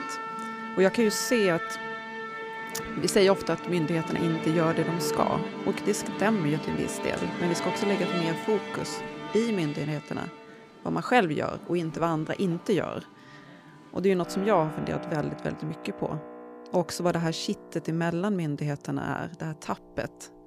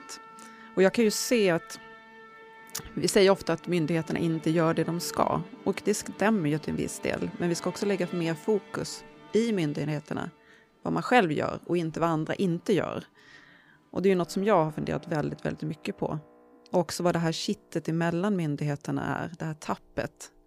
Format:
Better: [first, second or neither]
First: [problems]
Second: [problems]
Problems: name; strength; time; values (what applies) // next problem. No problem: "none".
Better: second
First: background music; loud; throughout; 7 dB below the speech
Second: background music; faint; throughout; 20 dB below the speech